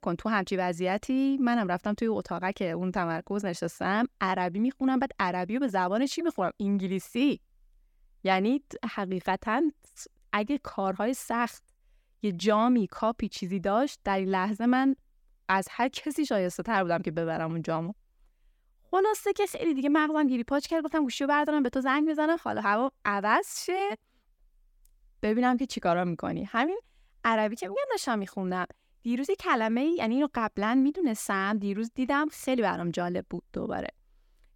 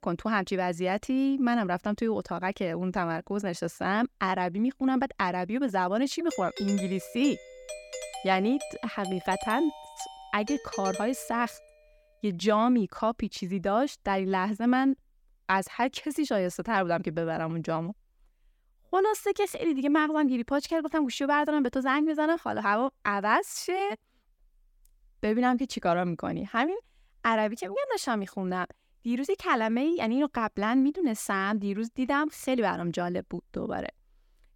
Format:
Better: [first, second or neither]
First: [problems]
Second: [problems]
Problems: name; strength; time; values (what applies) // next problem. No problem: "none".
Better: first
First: none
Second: doorbell; noticeable; from 6.5 to 12 s; peak 9 dB below the speech